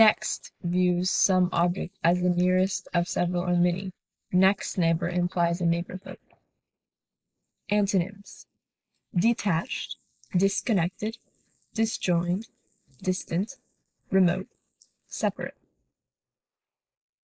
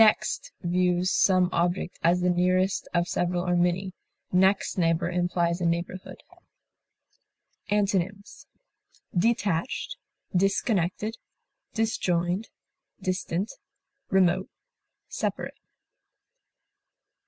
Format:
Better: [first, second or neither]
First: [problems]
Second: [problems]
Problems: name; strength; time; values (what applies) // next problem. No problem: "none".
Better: second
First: noise reduction (neural mask model Resemble Enhance denoiser)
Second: none